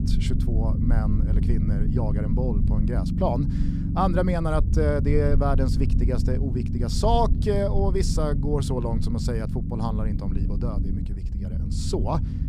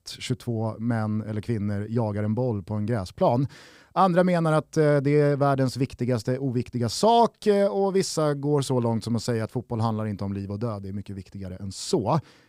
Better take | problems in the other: second | low rumble; loud; throughout; 8 dB below the speech

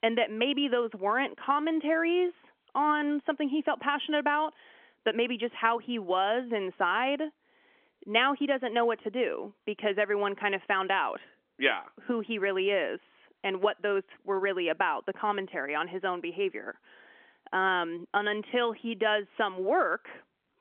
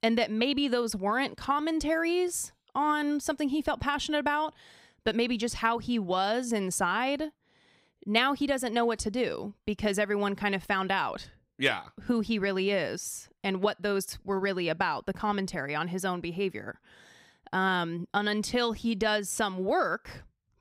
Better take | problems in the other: second | phone-call audio; nothing above 3.5 kHz

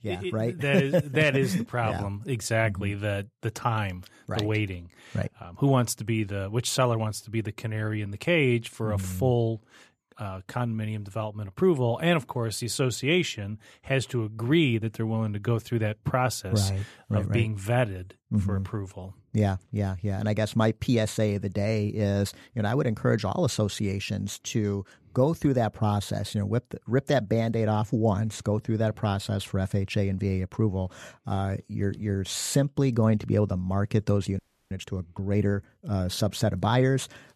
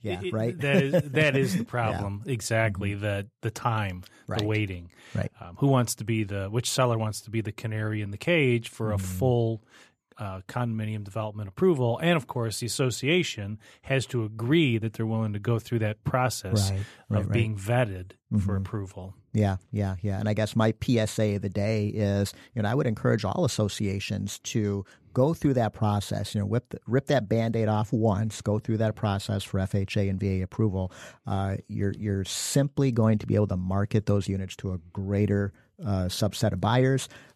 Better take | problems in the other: second | audio freezing; at 34 s

